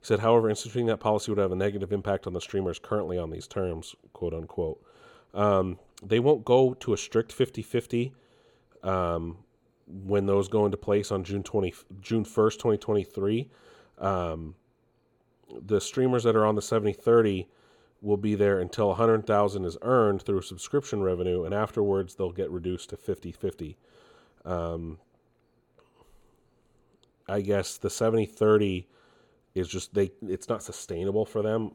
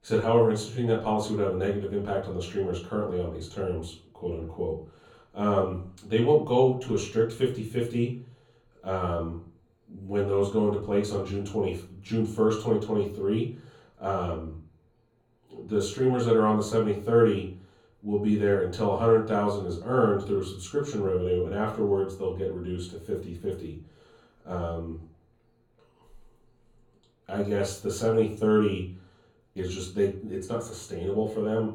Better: first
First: none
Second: room echo; slight; dies away in 0.4 s // off-mic speech; far

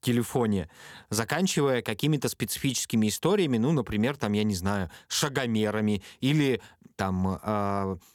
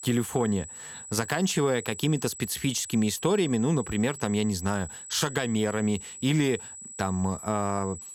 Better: first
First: none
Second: high-pitched whine; noticeable; throughout; 8 kHz, 10 dB below the speech

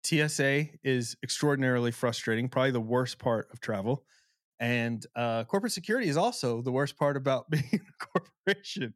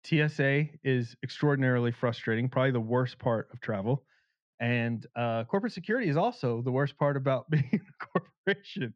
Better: first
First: none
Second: muffled; slightly; fading above 3 kHz

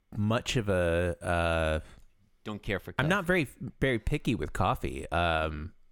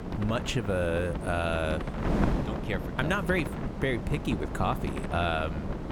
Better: first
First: none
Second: wind noise on the microphone; heavy; 7 dB below the speech

